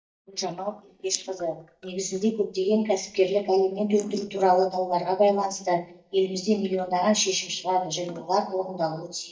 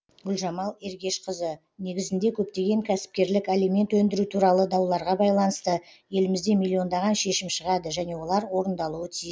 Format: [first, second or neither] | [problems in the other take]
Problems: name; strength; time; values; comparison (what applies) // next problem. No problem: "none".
second | noise reduction (neural mask model DeepFilterNet 3)